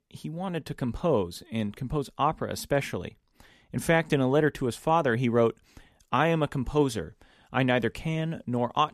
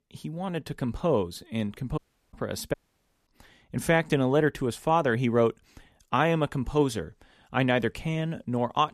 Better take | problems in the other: first | audio cutting out; at 2 s and at 2.5 s for 0.5 s

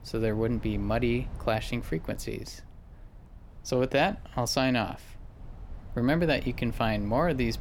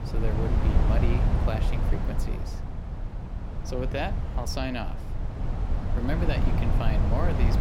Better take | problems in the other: first | low rumble; loud; throughout; 3 dB below the speech; faint in the first

